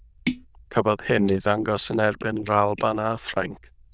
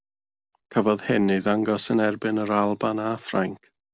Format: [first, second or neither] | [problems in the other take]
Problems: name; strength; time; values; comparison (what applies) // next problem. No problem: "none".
second | noise reduction (neural diffusion model UNIVERSE++)